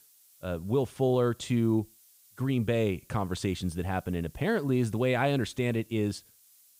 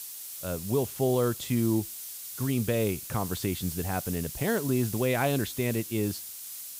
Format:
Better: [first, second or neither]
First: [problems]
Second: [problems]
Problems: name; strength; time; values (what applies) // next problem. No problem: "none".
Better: first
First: hiss; faint; throughout; 25 dB below the speech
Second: hiss; loud; throughout; 8 dB below the speech